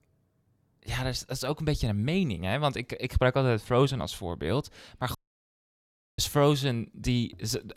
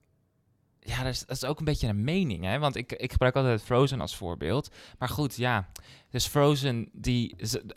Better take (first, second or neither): second